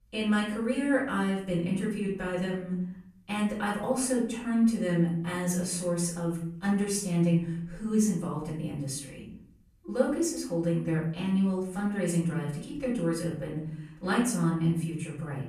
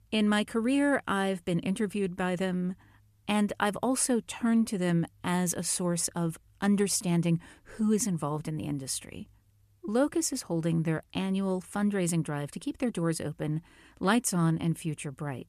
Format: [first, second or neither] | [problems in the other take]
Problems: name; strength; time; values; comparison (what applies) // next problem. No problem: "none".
second | off-mic speech; far // room echo; noticeable; dies away in 0.6 s